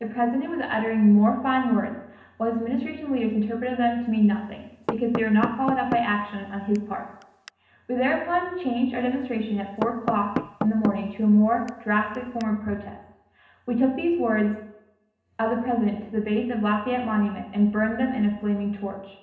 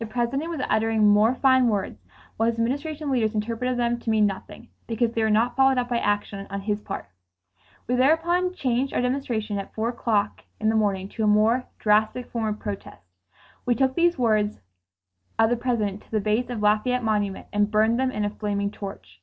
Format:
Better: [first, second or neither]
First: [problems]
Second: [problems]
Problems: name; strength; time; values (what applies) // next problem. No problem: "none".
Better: second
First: background sound (Knock / Wood); 10 dB below the speech // room echo; dies away in 0.8 s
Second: none